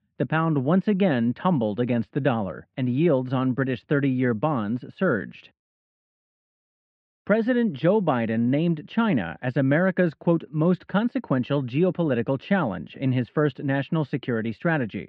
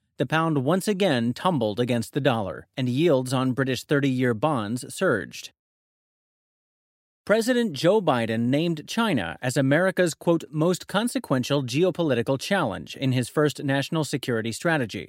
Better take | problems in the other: second | muffled; very; fading above 2.5 kHz

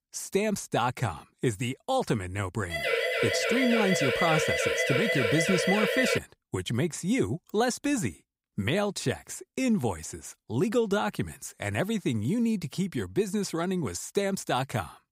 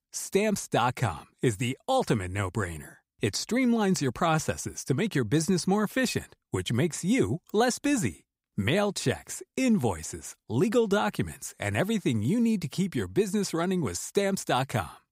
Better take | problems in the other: second | siren; loud; from 2.5 to 6 s; peak 3 dB above the speech

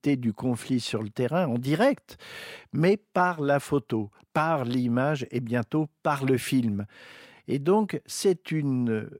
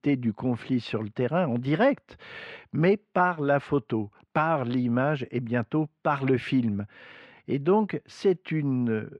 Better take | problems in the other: first | muffled; slightly; fading above 2.5 kHz

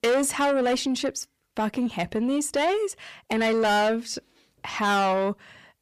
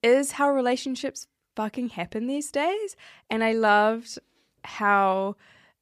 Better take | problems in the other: second | distortion; heavy; 7 dB below the speech

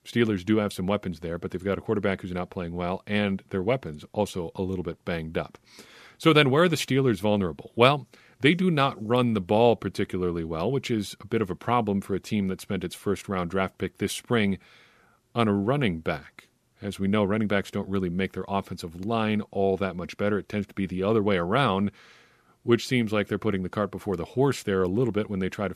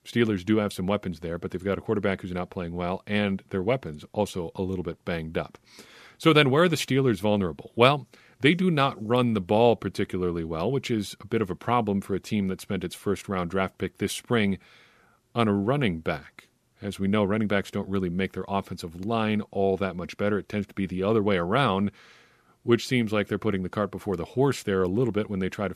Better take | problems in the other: neither | none

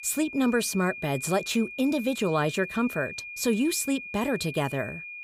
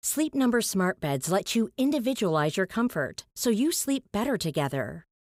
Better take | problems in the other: second | high-pitched whine; noticeable; throughout; 2.5 kHz, 10 dB below the speech

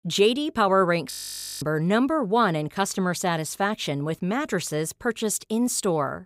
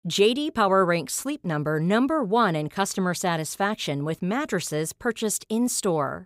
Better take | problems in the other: second | audio freezing; at 1 s for 0.5 s

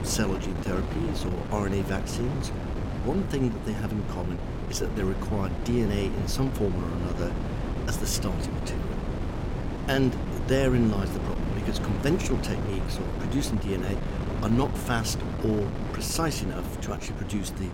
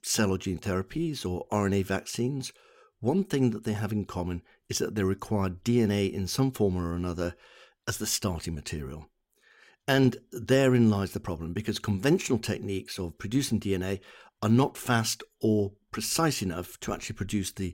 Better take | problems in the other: second | wind noise on the microphone; heavy; 5 dB below the speech

